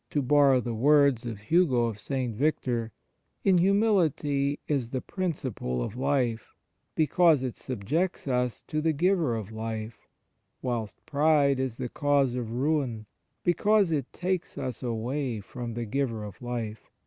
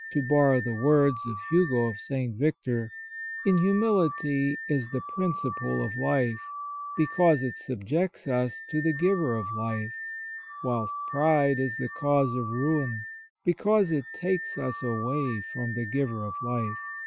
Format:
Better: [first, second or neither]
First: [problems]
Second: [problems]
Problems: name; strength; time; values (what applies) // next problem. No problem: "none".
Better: first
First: none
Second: noise reduction (classical method Wiener filter)